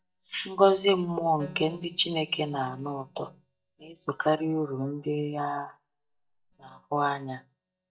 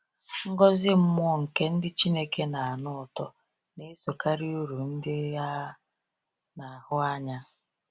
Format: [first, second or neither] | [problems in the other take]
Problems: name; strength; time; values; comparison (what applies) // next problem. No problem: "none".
second | noise reduction (neural mask model DeepFilterNet 3)